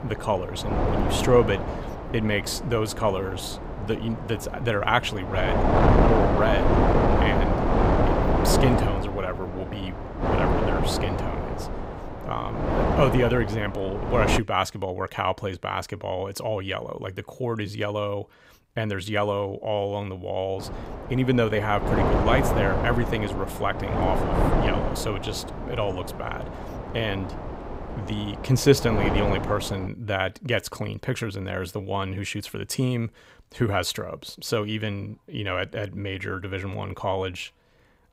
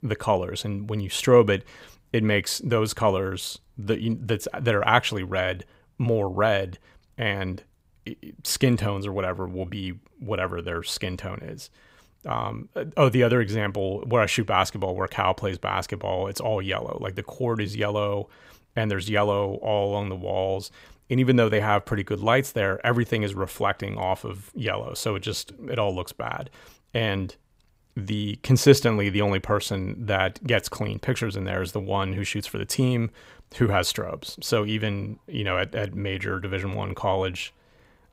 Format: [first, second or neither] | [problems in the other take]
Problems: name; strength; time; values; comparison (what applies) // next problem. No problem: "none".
second | wind noise on the microphone; heavy; until 14 s and from 21 to 30 s; as loud as the speech